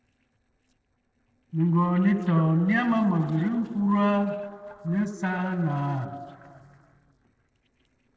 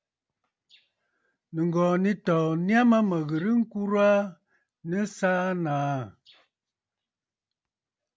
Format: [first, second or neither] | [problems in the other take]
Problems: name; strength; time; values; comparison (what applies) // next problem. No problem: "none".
second | noise reduction (neural separator model SepFormer DNS4)